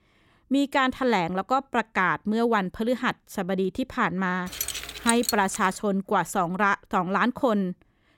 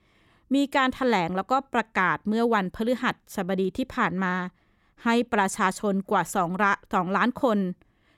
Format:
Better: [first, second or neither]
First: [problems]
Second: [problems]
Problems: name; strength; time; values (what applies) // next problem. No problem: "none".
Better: second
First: jangling keys; noticeable; from 4.5 to 5.5 s; peak 2 dB below the speech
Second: none